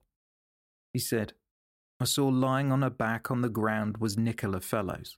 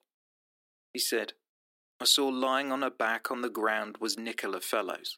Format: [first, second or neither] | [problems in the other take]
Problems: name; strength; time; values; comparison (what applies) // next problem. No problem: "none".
first | thin; somewhat; fading below 300 Hz